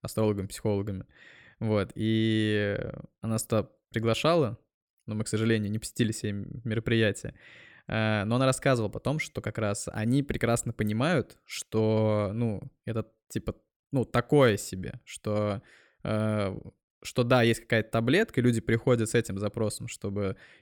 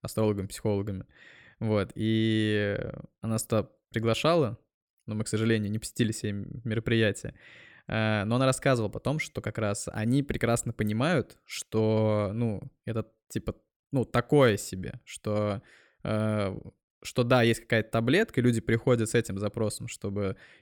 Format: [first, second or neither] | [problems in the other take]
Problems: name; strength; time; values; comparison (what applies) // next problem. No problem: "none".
neither | none